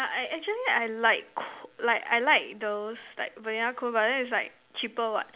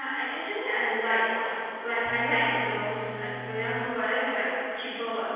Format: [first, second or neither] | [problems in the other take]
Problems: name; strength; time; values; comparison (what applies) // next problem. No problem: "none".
first | background sound (Bowed string instrument); 12 dB below the speech // room echo; dies away in 2.1 s